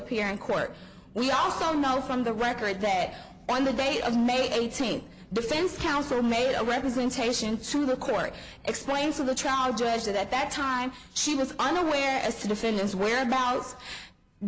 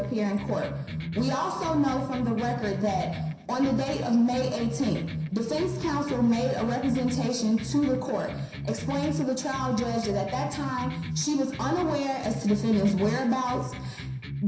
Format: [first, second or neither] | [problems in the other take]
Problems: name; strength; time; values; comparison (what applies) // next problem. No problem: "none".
first | background sound (Electric guitar); 8 dB below the speech // room echo; dies away in 0.7 s